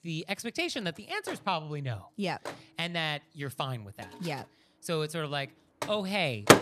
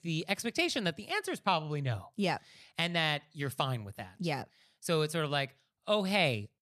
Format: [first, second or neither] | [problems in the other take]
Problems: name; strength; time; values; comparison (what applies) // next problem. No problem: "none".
second | household noises; very loud; throughout; as loud as the speech